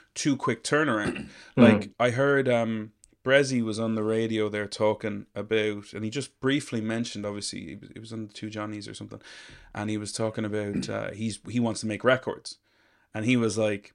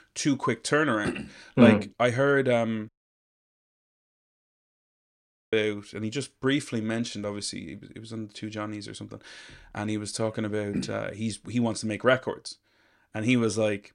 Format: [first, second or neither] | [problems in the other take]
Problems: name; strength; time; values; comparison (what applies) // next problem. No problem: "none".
first | audio cutting out; at 3 s for 2.5 s